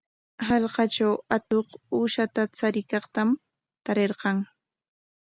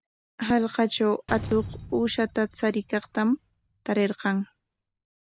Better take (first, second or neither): first